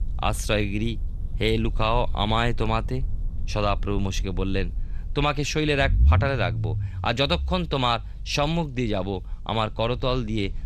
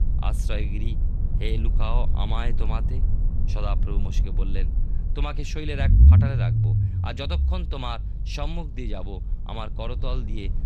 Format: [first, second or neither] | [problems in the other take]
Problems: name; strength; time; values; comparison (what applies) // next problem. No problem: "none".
first | low rumble; loud; throughout; 5 dB below the speech; faint in the first